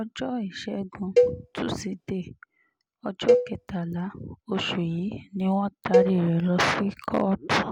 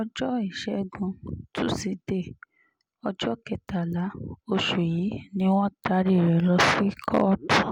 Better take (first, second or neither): second